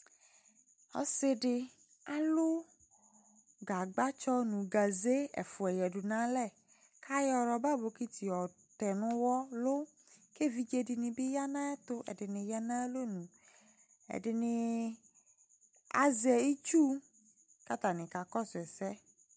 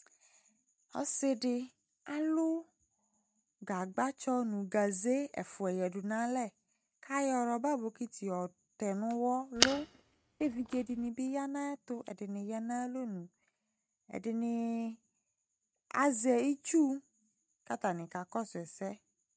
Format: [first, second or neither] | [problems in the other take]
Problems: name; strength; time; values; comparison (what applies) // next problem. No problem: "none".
first | noise reduction (neural mask model RNNoise)